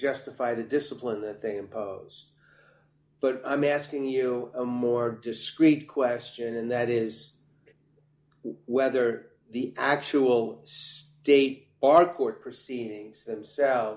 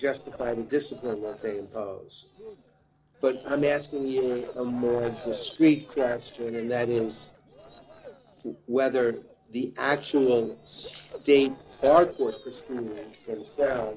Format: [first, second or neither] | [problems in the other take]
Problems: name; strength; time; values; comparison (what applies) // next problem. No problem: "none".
first | noise reduction (neural separator model SepFormer DNS4)